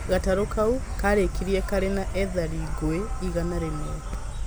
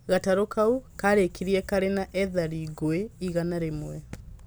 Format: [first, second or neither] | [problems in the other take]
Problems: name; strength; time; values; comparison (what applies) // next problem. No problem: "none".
second | background sound (Insect); 3 dB below the speech